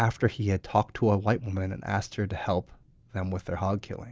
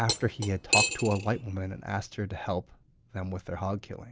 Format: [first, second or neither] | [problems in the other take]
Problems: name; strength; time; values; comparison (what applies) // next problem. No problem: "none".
first | background sound (Cutlery, silverware); as loud as the speech